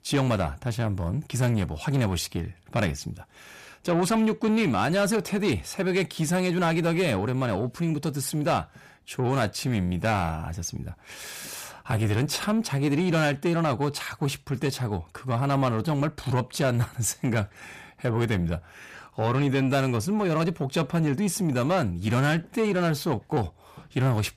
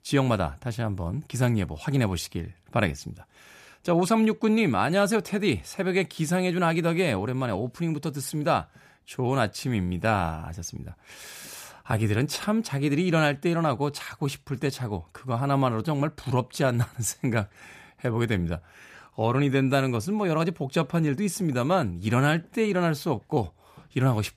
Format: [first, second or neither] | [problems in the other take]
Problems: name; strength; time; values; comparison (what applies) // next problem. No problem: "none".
second | distortion; slight; 10 dB below the speech